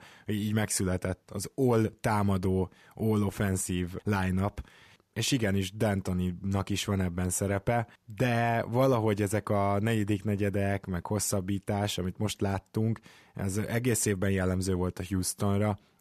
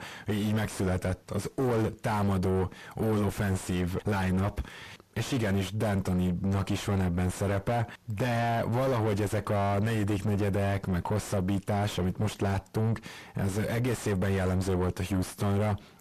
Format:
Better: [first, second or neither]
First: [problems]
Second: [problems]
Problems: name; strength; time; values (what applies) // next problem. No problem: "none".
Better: first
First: none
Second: distortion; heavy; 6 dB below the speech